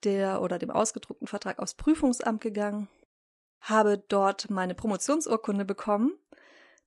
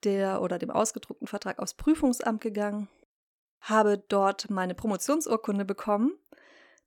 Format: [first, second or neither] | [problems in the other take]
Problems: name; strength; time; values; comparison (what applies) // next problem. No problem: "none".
second | garbled, watery; slightly; nothing above 10.5 kHz